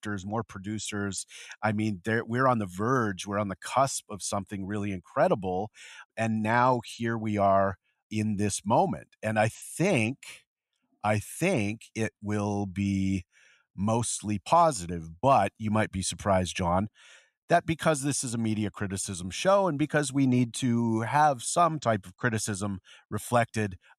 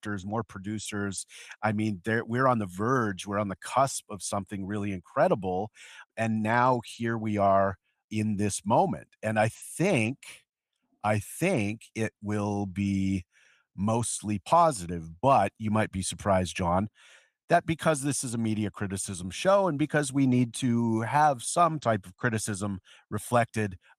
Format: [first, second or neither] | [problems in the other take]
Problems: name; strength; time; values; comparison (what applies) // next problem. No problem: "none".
first | garbled, watery; slightly